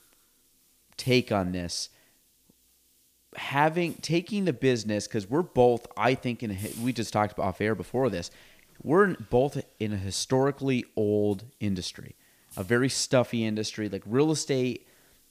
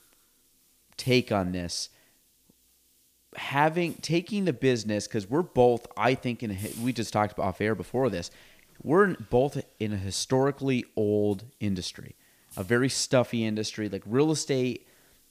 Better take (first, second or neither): neither